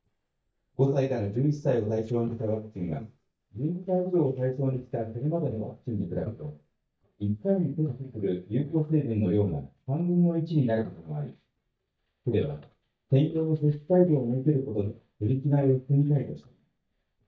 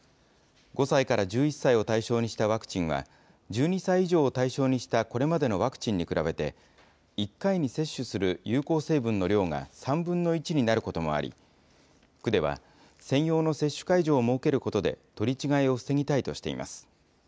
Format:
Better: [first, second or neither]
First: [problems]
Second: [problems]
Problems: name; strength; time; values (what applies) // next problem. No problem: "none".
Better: second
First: noise reduction (neural mask model DeepFilterNet 3)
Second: none